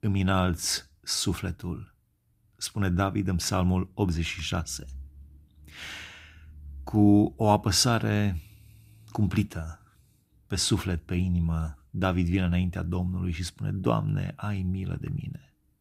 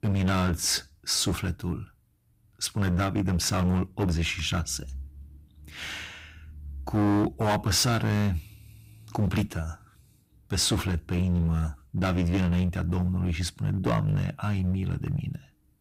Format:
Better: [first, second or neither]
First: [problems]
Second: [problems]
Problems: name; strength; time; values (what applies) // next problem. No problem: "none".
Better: first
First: none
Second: distortion; heavy; 9% of the sound clipped